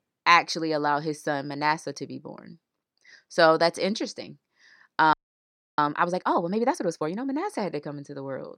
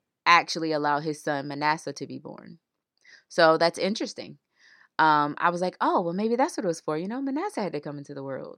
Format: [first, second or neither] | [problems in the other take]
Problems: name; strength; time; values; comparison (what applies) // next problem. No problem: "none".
second | audio freezing; at 5 s for 0.5 s